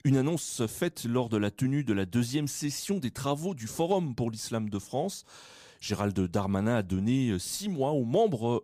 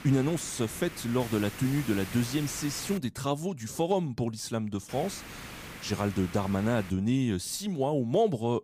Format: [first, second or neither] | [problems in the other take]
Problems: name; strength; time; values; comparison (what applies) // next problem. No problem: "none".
first | hiss; noticeable; until 3 s and from 5 to 7 s; 10 dB below the speech